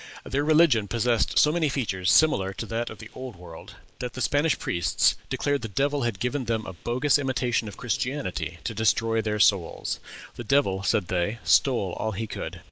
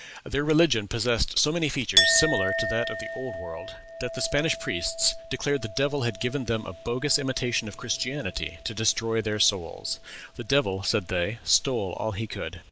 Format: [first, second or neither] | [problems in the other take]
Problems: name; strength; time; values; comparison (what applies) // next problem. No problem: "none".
first | background sound (Chink, clink); 7 dB below the speech